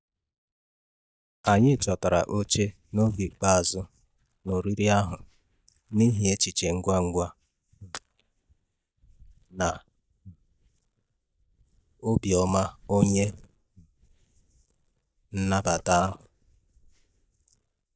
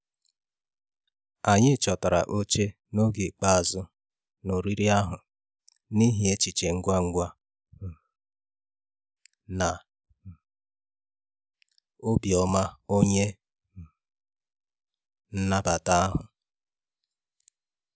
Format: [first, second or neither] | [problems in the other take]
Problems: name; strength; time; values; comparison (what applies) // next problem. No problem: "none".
second | noise reduction (neural mask model DeepFilterNet 3)